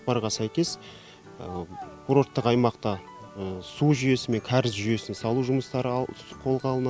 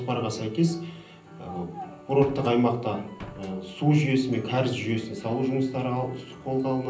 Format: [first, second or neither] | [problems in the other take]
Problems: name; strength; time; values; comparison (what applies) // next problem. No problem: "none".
first | background sound (Slam); 16 dB below the speech // room echo; dies away in 0.6 s